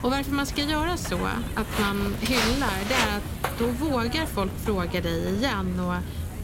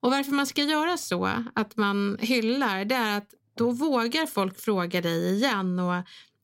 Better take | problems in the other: second | footsteps; loud; peak 2 dB above the speech

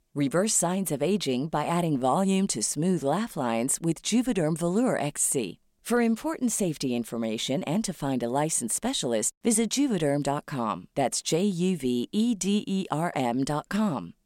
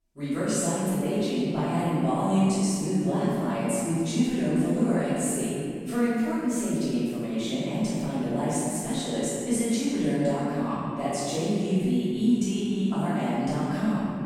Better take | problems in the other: first | room echo; strong; dies away in 2.7 s // off-mic speech; far

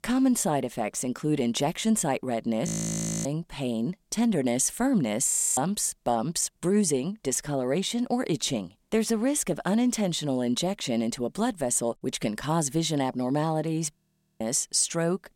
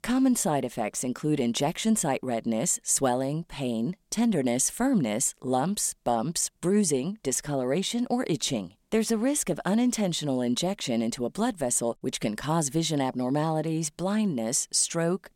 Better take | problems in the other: second | audio freezing; at 2.5 s for 0.5 s, at 5.5 s and at 14 s

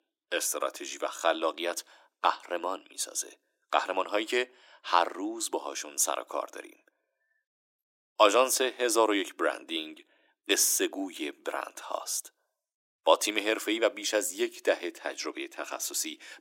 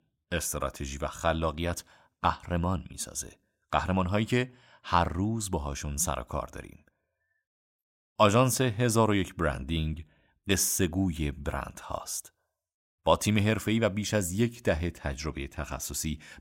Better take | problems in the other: second | thin; very; fading below 300 Hz

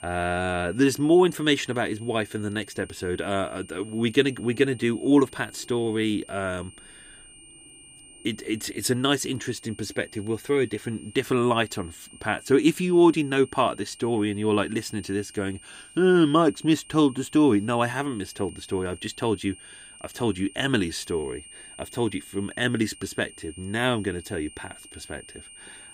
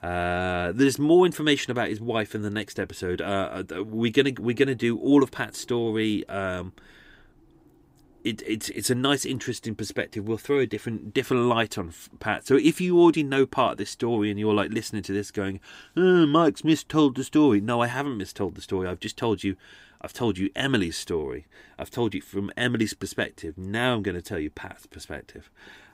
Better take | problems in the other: second | high-pitched whine; faint; throughout; 9 kHz, 20 dB below the speech

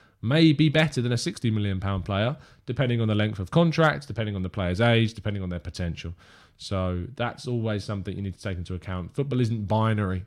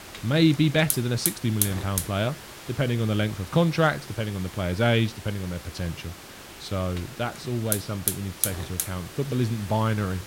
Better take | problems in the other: first | hiss; loud; throughout; 7 dB below the speech

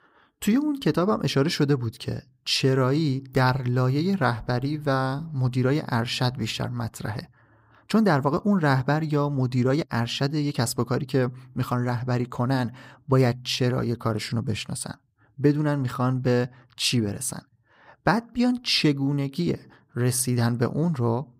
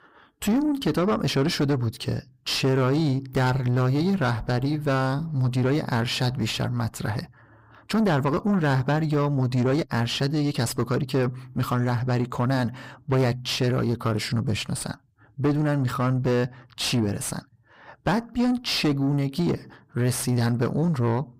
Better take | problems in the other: first | distortion; slight; 10 dB below the speech

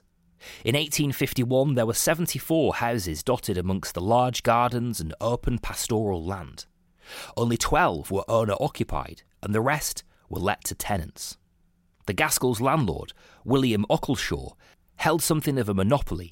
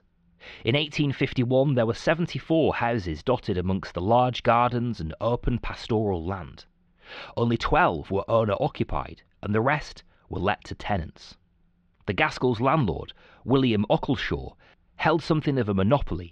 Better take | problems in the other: first | muffled; slightly; fading above 4 kHz

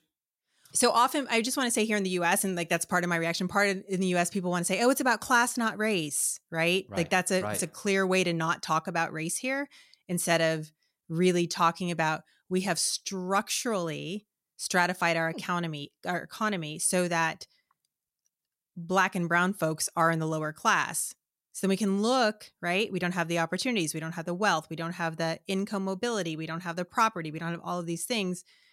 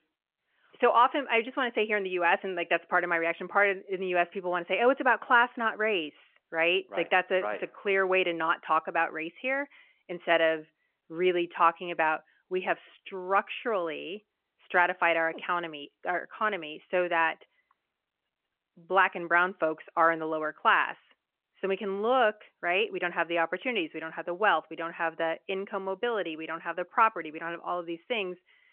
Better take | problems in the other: first | phone-call audio

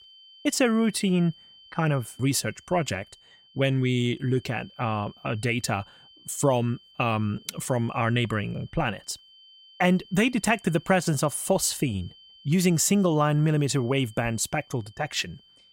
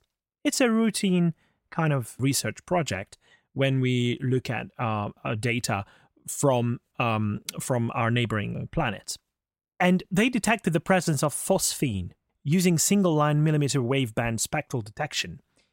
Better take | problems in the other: second | high-pitched whine; faint; throughout; 3 kHz, 25 dB below the speech

